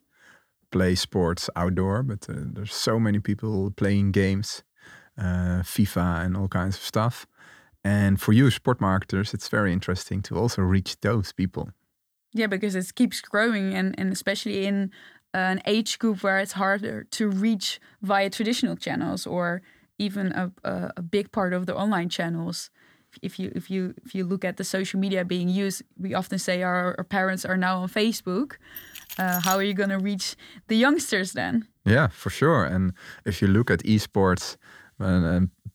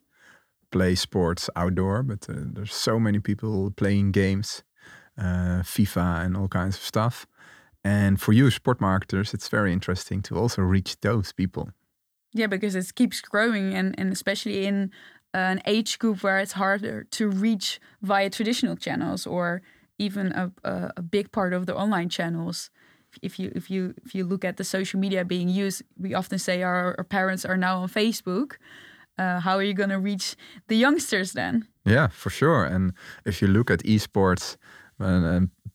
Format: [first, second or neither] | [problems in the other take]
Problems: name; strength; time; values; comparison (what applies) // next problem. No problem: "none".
second | jangling keys; noticeable; at 29 s; peak 3 dB below the speech